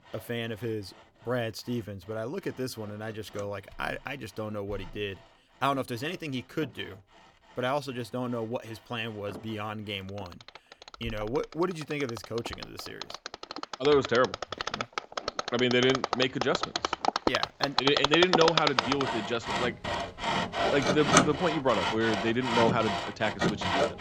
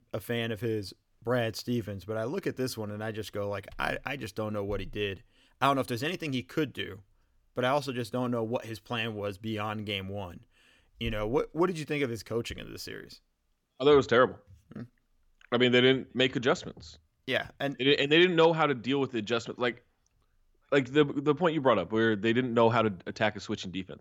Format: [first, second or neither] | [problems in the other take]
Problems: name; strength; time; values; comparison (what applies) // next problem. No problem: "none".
second | machinery noise; very loud; throughout; 1 dB above the speech